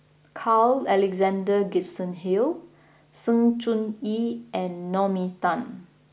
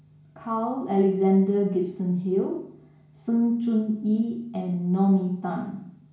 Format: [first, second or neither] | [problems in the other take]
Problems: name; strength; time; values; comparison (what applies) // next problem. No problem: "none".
first | room echo; dies away in 0.6 s